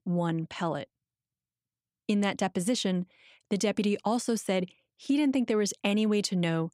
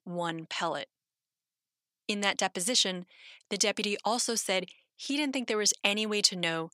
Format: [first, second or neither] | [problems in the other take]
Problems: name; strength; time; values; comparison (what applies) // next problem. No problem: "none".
first | thin; somewhat; fading below 1 kHz